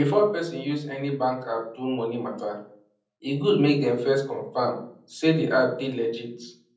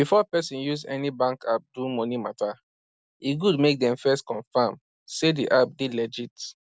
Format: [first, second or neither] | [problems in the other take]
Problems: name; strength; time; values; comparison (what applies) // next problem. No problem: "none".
second | room echo; dies away in 0.6 s